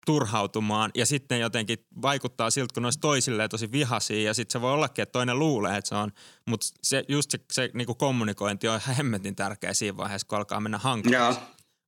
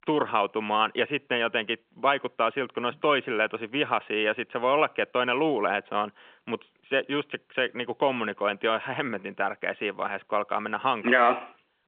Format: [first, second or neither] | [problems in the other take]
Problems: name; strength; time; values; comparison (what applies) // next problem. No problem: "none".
first | phone-call audio; nothing above 3.5 kHz